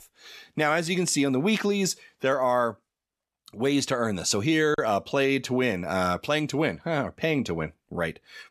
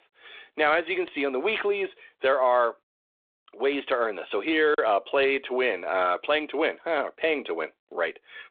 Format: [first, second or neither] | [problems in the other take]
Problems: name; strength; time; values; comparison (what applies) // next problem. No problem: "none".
first | phone-call audio